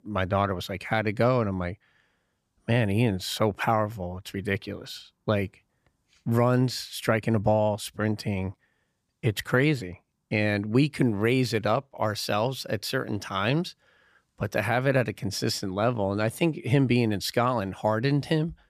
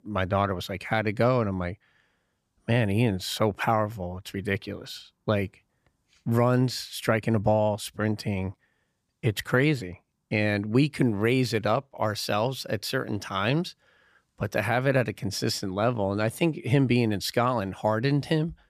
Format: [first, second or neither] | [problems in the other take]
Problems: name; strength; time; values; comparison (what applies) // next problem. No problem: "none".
neither | none